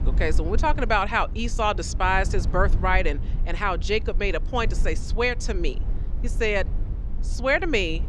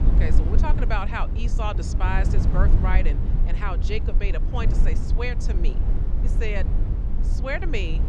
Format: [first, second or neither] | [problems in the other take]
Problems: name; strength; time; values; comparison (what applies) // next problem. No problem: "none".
first | low rumble; loud; throughout; 8 dB below the speech; faint in the first